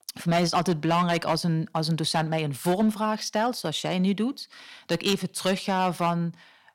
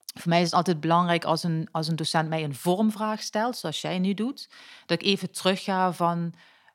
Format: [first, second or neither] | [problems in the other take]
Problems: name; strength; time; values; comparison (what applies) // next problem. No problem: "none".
second | distortion; slight; 5% of the sound clipped